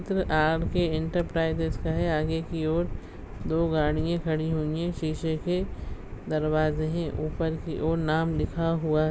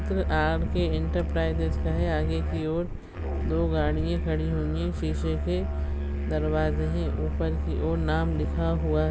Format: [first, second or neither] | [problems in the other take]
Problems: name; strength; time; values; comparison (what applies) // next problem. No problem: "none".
first | background sound (Musical instrument); as loud as the speech